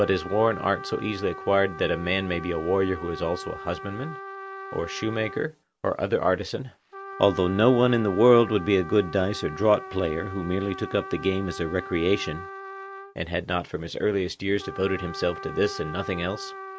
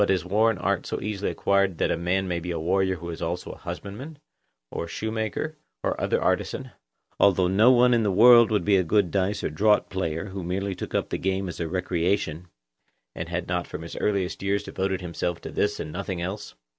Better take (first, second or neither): second